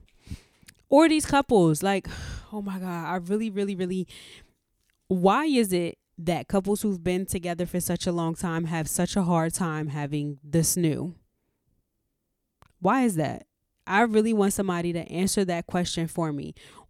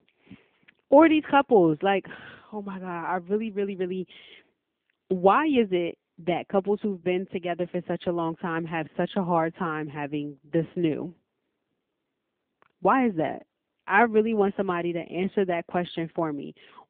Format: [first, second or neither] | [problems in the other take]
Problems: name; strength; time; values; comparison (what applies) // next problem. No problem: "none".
first | phone-call audio